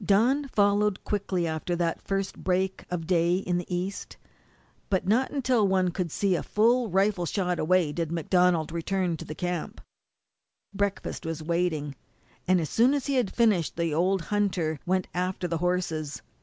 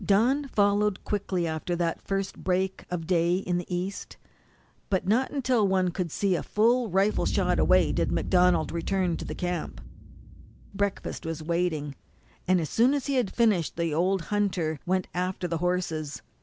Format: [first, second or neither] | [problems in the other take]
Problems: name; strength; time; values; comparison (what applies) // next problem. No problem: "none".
first | background sound (Boom); 10 dB below the speech